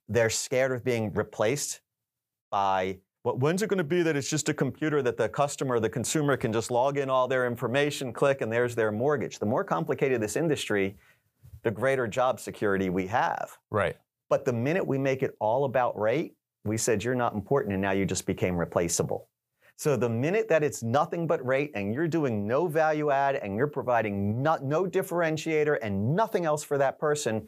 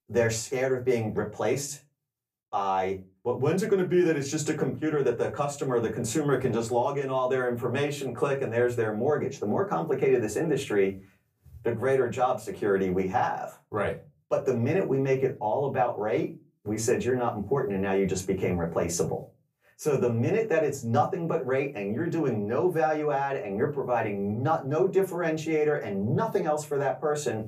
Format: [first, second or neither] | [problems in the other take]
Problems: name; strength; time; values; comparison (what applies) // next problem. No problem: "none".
first | off-mic speech; somewhat distant // room echo; very slight; dies away in 0.2 s